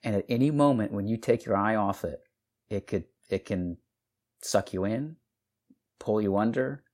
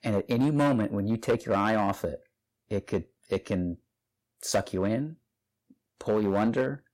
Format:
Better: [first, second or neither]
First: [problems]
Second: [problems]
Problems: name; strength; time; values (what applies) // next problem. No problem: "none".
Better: first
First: none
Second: distortion; slight; 4% of the sound clipped